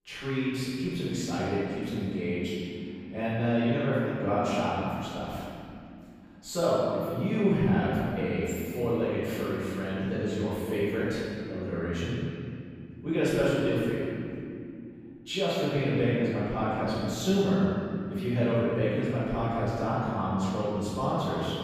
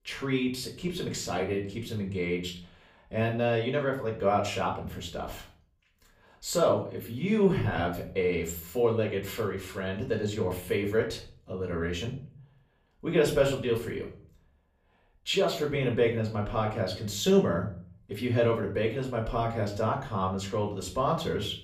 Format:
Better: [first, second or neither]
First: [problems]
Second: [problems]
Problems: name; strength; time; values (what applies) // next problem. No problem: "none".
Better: second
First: room echo; strong; dies away in 2.9 s // off-mic speech; far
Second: room echo; slight; dies away in 0.4 s // off-mic speech; far